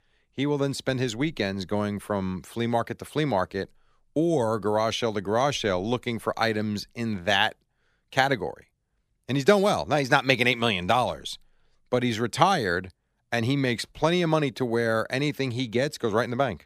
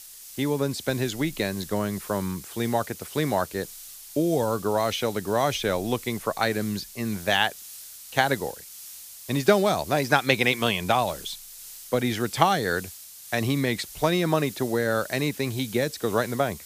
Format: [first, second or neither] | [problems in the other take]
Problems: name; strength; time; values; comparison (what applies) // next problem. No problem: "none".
first | hiss; noticeable; throughout; 15 dB below the speech